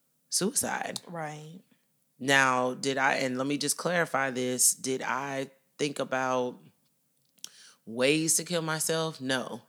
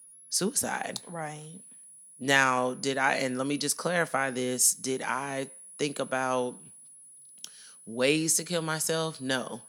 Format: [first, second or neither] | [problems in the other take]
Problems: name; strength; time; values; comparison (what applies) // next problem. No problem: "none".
first | high-pitched whine; noticeable; throughout; 10.5 kHz, 20 dB below the speech